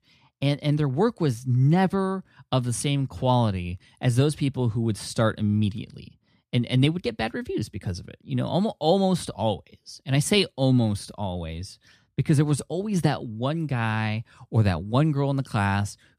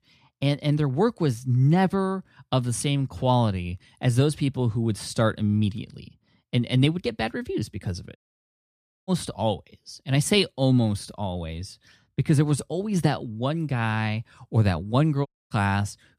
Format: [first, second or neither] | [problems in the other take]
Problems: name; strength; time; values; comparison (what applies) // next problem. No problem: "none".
first | audio cutting out; at 8 s for 1 s and at 15 s